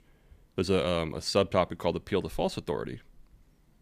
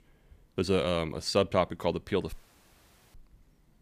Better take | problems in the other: first | audio cutting out; at 2.5 s for 1 s

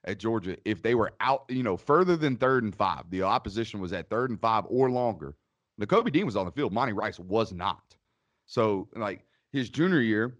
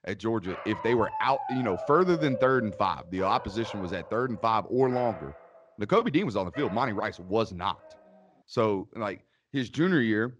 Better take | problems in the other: first | dog barking; noticeable; until 7 s; peak 6 dB below the speech

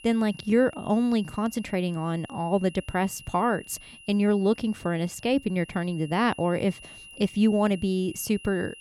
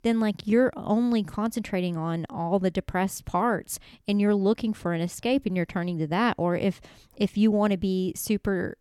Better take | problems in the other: second | high-pitched whine; noticeable; throughout; 3 kHz, 20 dB below the speech

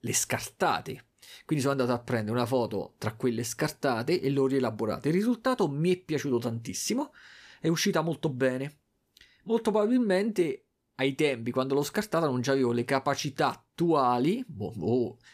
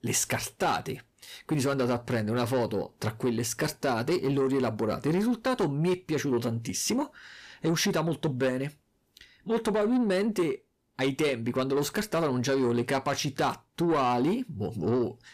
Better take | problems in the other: first | distortion; slight; 10 dB below the speech

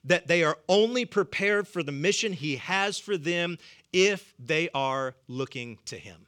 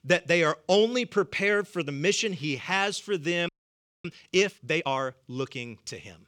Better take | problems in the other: first | audio freezing; at 3.5 s for 0.5 s

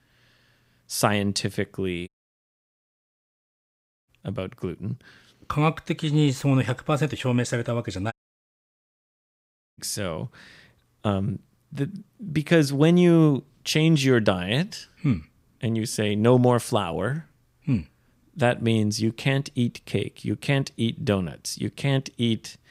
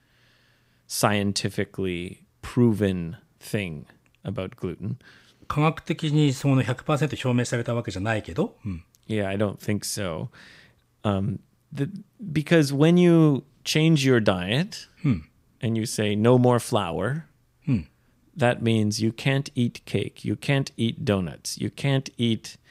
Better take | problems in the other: second | audio cutting out; at 2 s for 2 s and at 8 s for 1.5 s

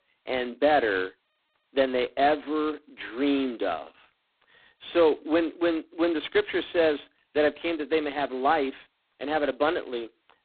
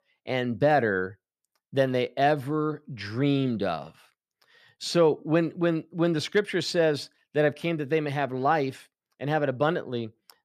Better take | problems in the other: second | phone-call audio; poor line; nothing above 4 kHz

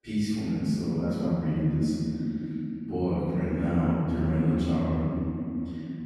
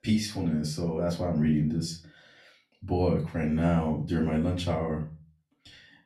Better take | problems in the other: second | room echo; strong; dies away in 3 s; slight in the second // off-mic speech; far; far in the second

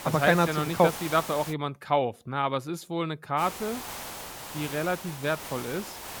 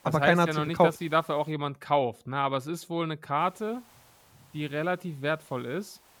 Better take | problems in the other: second | hiss; loud; until 1.5 s and from 3.5 s on; 10 dB below the speech; faint in the second

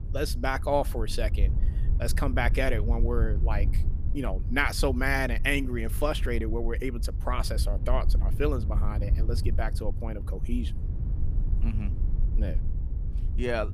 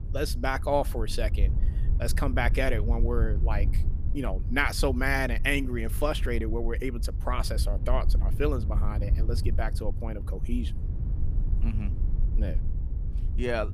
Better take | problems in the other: neither | wind noise on the microphone; occasional gusts; 15 dB below the speech; the same in both

